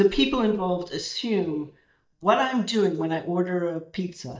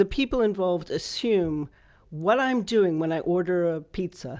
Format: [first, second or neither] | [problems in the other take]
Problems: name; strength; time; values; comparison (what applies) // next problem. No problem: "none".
second | noise reduction (neural mask model DeepFilterNet 3)